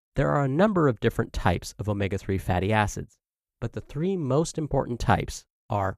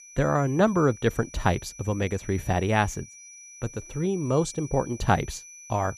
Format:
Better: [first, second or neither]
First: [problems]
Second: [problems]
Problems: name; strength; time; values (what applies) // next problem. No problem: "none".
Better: first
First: none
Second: high-pitched whine; noticeable; throughout; 6 kHz, 20 dB below the speech